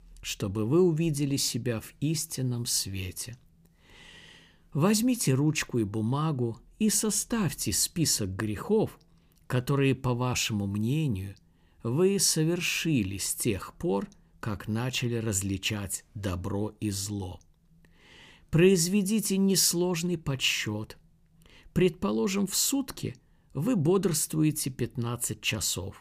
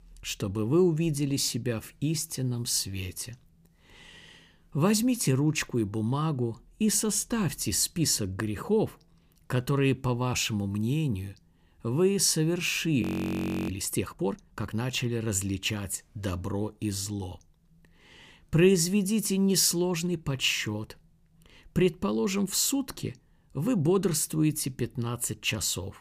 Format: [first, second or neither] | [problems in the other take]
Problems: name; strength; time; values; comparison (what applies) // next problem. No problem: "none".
first | audio freezing; at 13 s for 0.5 s